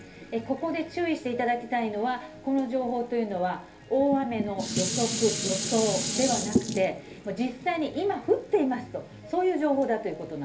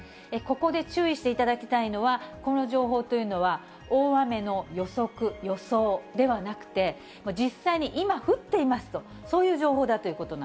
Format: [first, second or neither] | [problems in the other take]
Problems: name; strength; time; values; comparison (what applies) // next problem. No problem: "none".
second | background sound (Dishes, pots, and pans); 7 dB below the speech // room echo; dies away in 0.3 s